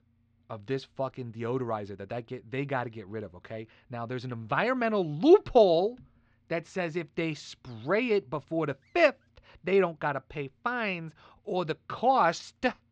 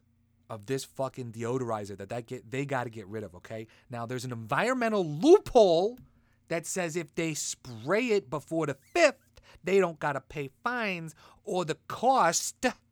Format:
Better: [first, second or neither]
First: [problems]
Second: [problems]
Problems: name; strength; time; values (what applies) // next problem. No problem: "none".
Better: second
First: muffled; slightly; fading above 4.5 kHz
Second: none